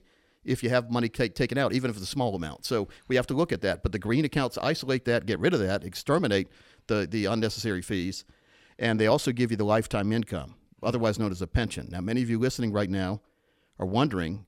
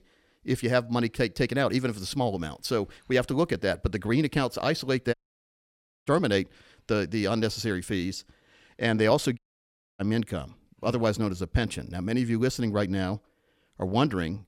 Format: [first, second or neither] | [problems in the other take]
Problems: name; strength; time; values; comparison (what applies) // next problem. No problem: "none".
first | audio cutting out; at 5 s for 1 s and at 9.5 s for 0.5 s